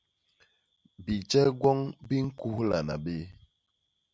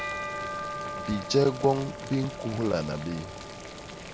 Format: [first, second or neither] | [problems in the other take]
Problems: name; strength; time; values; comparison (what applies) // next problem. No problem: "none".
first | background sound (Bell + Boiling); 7 dB below the speech